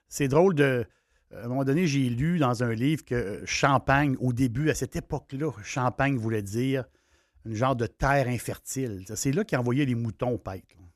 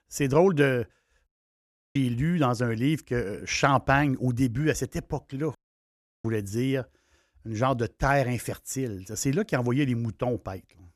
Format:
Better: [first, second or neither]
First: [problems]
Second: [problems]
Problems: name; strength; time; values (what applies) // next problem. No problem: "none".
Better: first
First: none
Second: audio cutting out; at 1.5 s for 0.5 s and at 5.5 s for 0.5 s